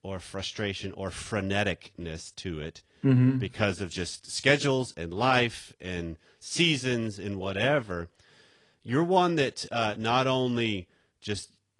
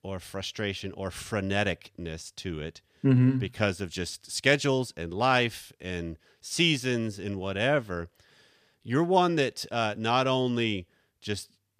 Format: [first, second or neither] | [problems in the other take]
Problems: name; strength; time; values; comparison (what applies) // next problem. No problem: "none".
second | garbled, watery; slightly